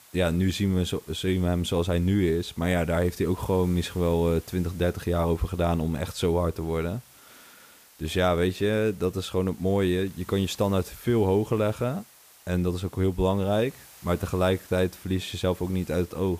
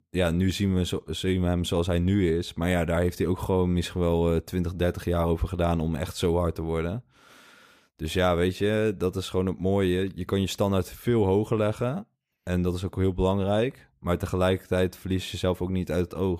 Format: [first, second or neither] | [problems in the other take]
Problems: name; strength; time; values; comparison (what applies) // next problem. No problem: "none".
second | hiss; faint; throughout; 25 dB below the speech